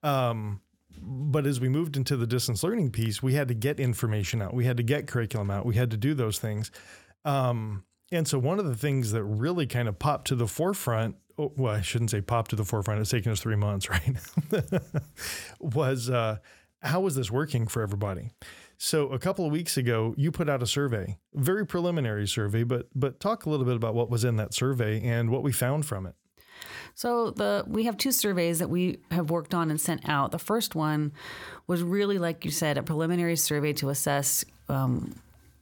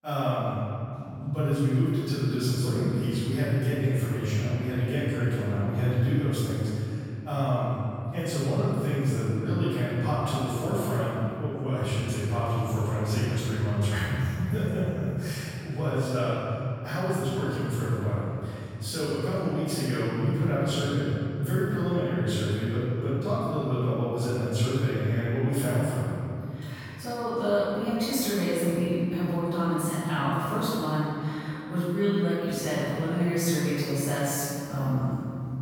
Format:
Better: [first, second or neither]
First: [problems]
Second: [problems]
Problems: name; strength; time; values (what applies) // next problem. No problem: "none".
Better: first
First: none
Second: off-mic speech; far // room echo; strong; dies away in 2.9 s